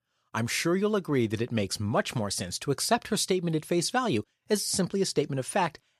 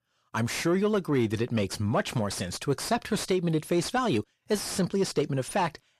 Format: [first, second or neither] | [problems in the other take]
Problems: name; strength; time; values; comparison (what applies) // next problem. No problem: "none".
first | distortion; slight; 10 dB below the speech